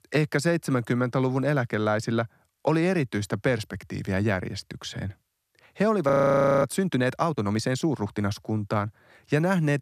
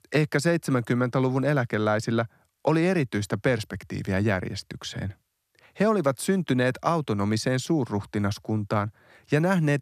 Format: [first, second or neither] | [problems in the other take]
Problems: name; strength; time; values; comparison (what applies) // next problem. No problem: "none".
second | audio freezing; at 6 s for 0.5 s